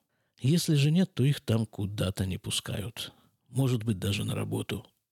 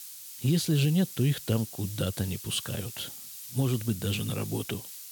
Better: first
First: none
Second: hiss; noticeable; throughout; 10 dB below the speech

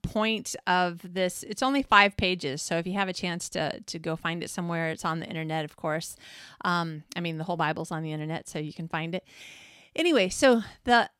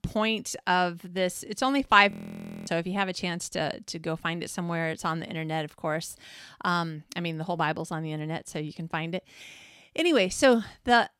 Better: first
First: none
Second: audio freezing; at 2 s for 0.5 s

